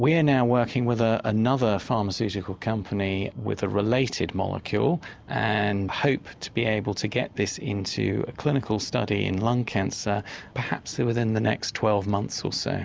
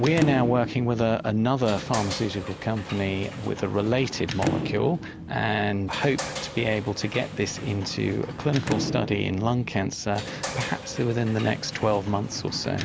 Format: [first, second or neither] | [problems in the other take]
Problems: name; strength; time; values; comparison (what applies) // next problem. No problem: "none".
first | background sound (Sliding door / Slam); 8 dB below the speech